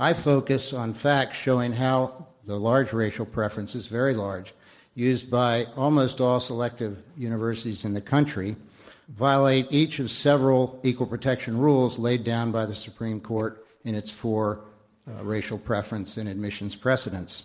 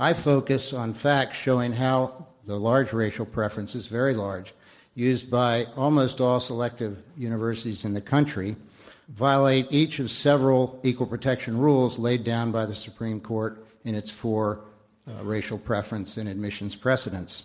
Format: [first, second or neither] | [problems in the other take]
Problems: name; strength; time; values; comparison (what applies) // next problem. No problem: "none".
second | noise reduction (neural mask model Resemble Enhance denoiser)